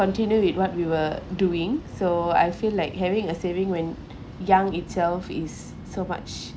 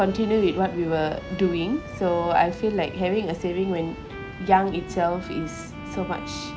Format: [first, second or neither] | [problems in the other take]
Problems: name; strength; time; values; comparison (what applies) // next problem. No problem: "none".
first | background sound (Bowed string instrument); 15 dB below the speech